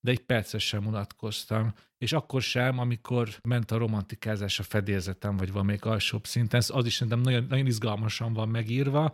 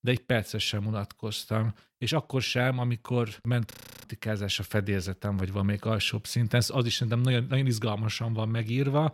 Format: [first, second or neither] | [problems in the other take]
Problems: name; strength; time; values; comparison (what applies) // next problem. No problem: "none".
first | audio freezing; at 3.5 s